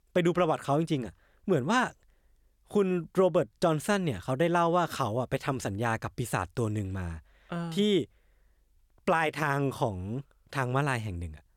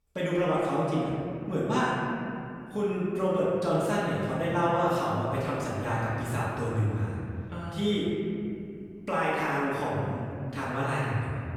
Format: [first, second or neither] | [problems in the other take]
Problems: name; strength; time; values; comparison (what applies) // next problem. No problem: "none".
first | off-mic speech; far // room echo; strong; dies away in 2.5 s